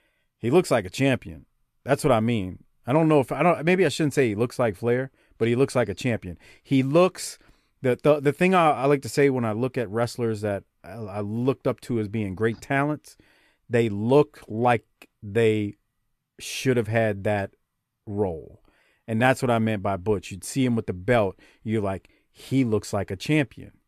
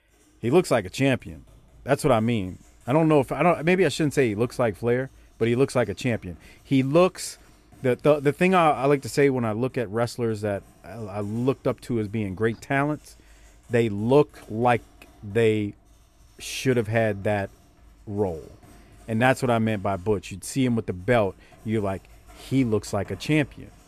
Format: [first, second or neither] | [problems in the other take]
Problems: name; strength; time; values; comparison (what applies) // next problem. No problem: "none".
first | household noises; faint; throughout; 30 dB below the speech